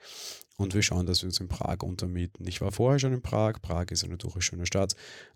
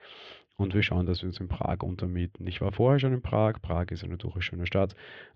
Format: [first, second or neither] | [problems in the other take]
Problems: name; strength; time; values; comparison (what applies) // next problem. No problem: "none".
first | muffled; very; fading above 3 kHz